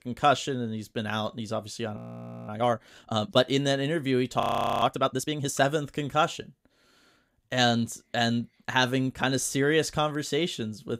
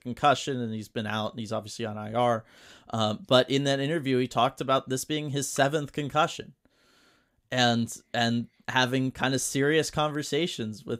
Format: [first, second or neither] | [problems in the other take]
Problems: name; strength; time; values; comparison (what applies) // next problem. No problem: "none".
second | audio freezing; at 2 s for 0.5 s and at 4.5 s